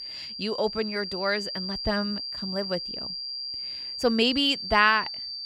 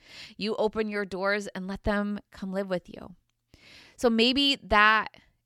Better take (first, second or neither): second